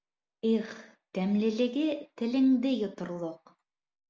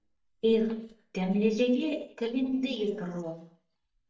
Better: first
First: none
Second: noise reduction (neural mask model DeepFilterNet 3)

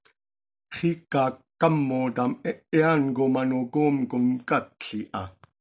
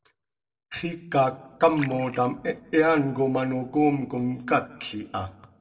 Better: first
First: none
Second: noise reduction (neural separator model SepFormer DNS4)

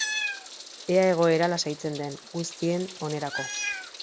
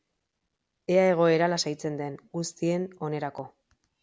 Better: second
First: background sound (Meow); 8 dB below the speech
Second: none

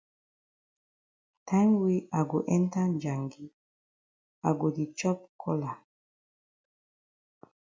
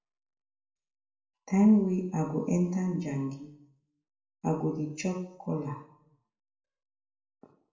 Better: first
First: none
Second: room echo; dies away in 0.6 s

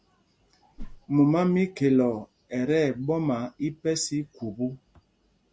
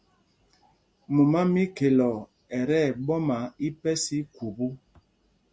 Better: second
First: background sound (Whoosh, swoosh, swish); 12 dB below the speech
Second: none

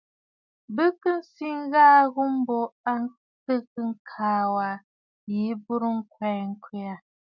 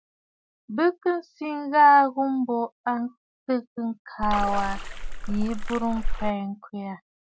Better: first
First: none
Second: background sound (Splash, splatter); 1 dB below the speech

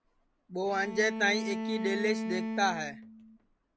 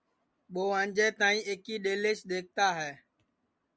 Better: second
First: background sound (Bowed string instrument); 5 dB below the speech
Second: none

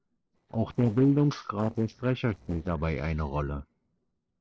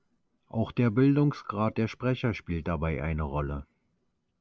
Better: second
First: noise reduction (neural separator model SepFormer DNS4)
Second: none

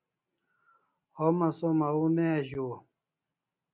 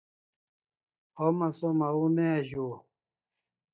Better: first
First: none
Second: noise reduction (neural mask model DeepFilterNet 3)

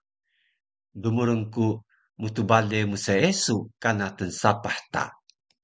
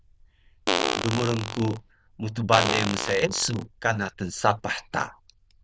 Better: first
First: none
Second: noise reduction (neural diffusion model UNIVERSE++)

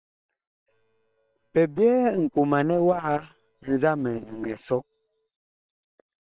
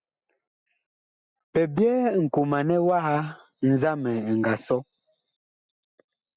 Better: second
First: noise reduction (neural separator model SepFormer WHAM!)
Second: none

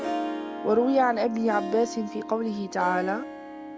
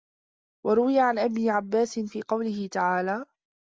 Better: second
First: background sound (Harp); 7 dB below the speech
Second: none

